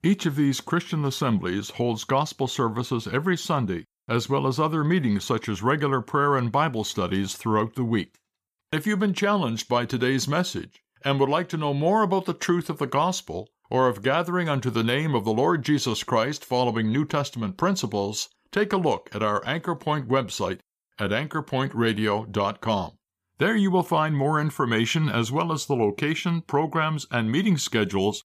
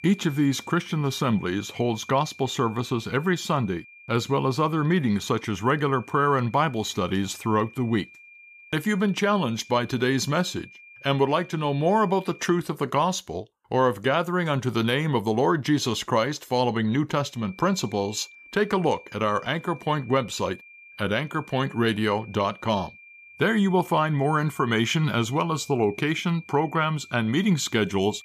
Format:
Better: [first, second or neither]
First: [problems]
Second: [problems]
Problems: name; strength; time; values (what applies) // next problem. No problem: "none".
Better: first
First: none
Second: high-pitched whine; faint; until 13 s and from 17 s on; 2.5 kHz, 20 dB below the speech